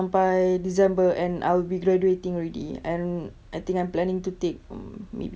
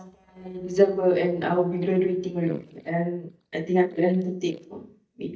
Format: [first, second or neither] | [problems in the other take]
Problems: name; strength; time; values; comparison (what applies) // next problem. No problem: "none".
first | noise reduction (neural mask model DeepFilterNet 3)